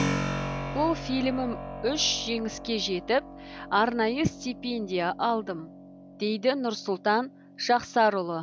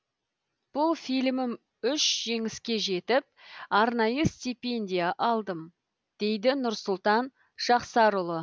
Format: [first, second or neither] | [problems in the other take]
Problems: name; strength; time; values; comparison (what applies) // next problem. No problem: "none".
second | background sound (Keyboard (musical)); 9 dB below the speech